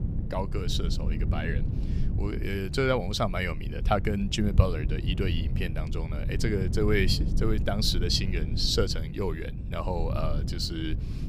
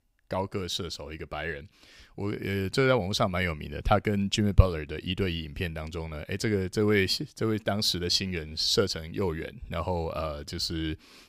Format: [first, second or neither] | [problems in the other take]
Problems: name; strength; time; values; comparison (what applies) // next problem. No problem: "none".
second | low rumble; noticeable; throughout; 15 dB below the speech